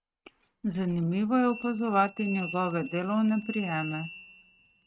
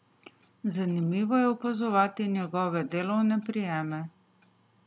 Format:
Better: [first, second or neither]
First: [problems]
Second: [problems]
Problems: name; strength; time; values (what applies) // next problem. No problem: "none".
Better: second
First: noise reduction (neural mask model RNNoise)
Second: none